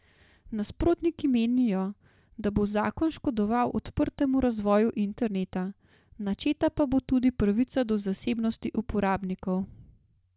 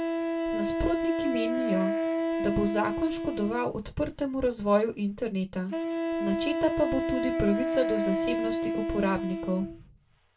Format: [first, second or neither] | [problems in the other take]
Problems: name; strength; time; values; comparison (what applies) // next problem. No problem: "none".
first | background sound (Wind instrument, woodwind instrument); as loud as the speech // room echo; dies away in 0.1 s